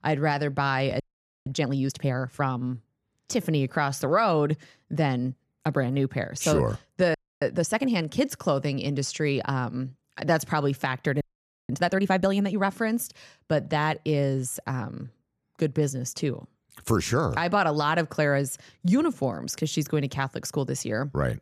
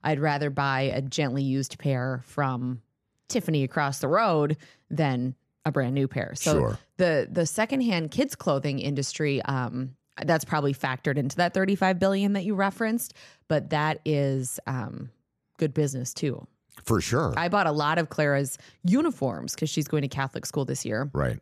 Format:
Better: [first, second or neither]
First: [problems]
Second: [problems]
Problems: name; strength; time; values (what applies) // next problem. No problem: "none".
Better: second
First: audio freezing; at 1 s, at 7 s and at 11 s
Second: none